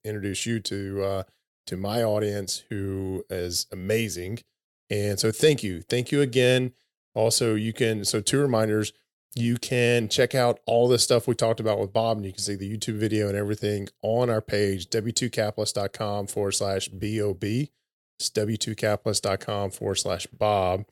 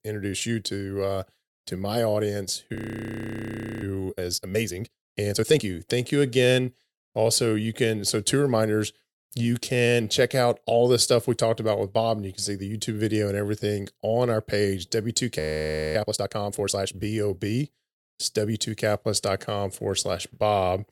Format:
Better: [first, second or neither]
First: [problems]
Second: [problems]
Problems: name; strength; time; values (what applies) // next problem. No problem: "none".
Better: first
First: none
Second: audio freezing; at 3 s for 1 s and at 15 s for 0.5 s